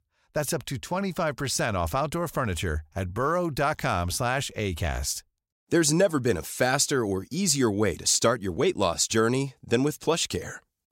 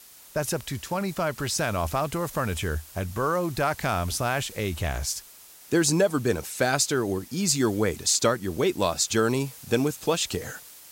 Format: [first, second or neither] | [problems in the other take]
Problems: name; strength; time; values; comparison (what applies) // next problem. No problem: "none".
first | hiss; noticeable; throughout; 20 dB below the speech